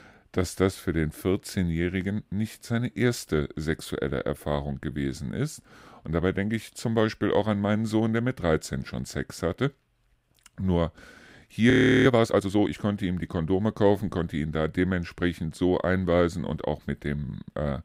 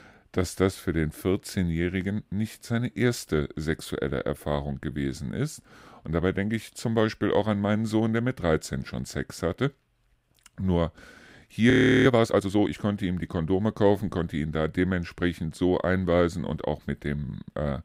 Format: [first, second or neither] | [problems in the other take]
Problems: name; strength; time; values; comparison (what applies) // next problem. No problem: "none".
neither | audio freezing; at 12 s; the same in both